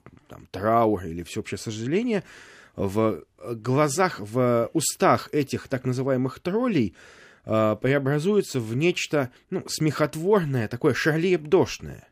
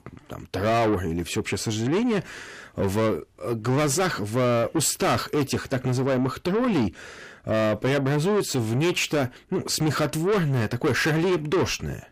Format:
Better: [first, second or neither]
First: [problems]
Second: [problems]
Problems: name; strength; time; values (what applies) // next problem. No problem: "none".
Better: first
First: none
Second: distortion; heavy; 7 dB below the speech